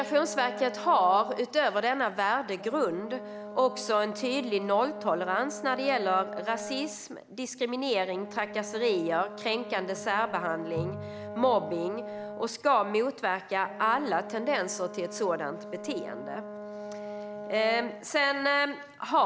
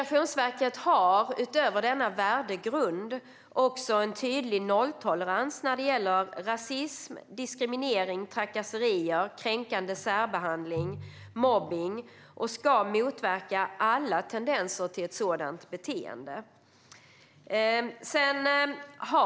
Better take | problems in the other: second | background sound (Brass instrument); 12 dB below the speech

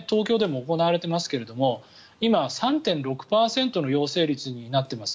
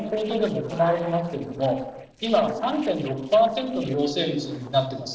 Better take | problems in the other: first | noise reduction (neural separator model SepFormer DNS4)

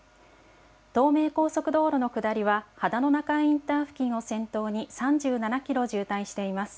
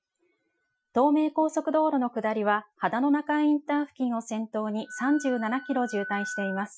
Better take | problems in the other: first | noise reduction (classical method Wiener filter)

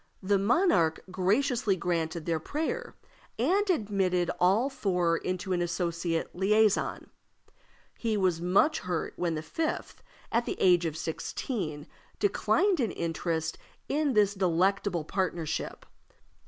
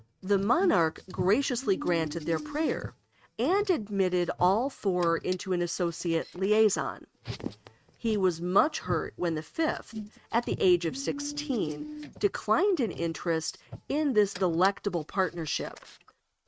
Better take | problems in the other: first | noise reduction (neural mask model RNNoise)

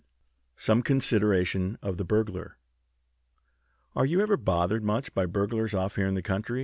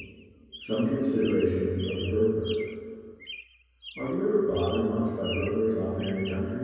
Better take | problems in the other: first | background sound (Chirp, tweet); 17 dB below the speech // room echo; dies away in 2.2 s

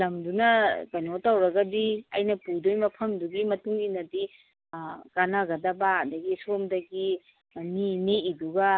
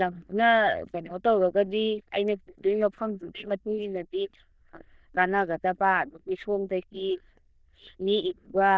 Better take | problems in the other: first | noise reduction (neural diffusion model UNIVERSE++)

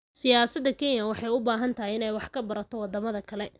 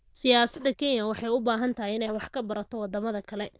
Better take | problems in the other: first | noise reduction (neural diffusion model UNIVERSE++)

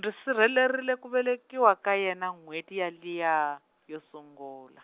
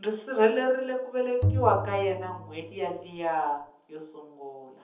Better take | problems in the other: first | background sound (Bowed string instrument); 4 dB below the speech // room echo; dies away in 0.7 s

